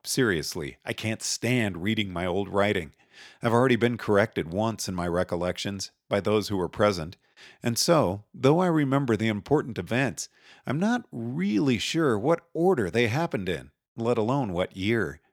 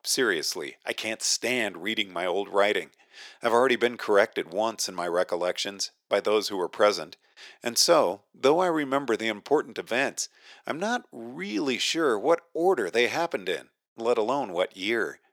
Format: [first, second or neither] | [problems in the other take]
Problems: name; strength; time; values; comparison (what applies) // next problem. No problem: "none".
first | thin; somewhat; fading below 450 Hz